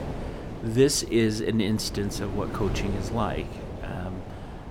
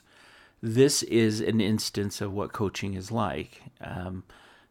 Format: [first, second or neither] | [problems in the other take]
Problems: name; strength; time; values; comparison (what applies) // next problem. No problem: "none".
second | wind noise on the microphone; occasional gusts; 10 dB below the speech